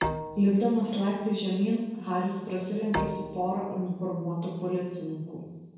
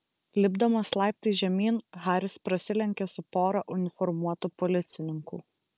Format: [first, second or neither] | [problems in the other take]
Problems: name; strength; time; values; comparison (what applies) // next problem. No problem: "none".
second | background sound (Bowed string instrument); 10 dB below the speech // room echo; dies away in 1 s